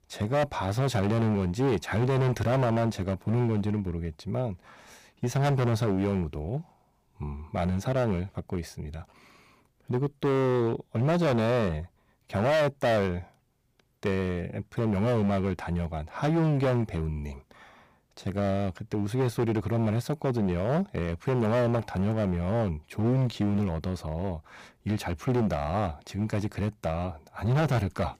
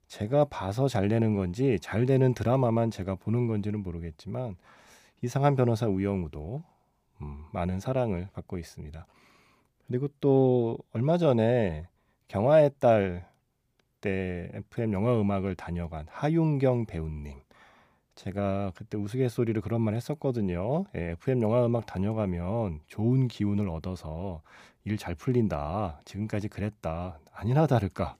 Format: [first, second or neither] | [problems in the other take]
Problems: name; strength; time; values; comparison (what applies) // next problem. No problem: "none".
second | distortion; heavy; 13% of the sound clipped